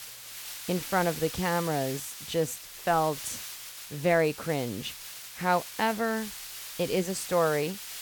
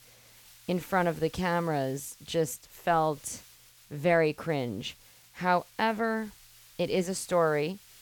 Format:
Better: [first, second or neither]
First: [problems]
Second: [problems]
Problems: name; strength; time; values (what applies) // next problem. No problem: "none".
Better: second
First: hiss; loud; throughout; 9 dB below the speech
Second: hiss; faint; throughout; 25 dB below the speech